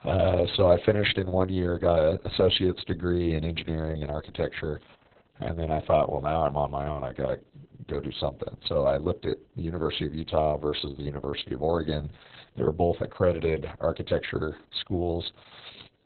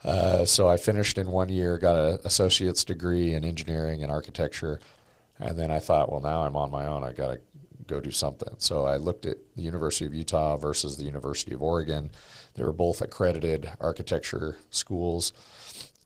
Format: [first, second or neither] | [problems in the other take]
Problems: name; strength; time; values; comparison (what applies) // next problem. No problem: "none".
second | garbled, watery; badly; nothing above 4 kHz; slightly in the second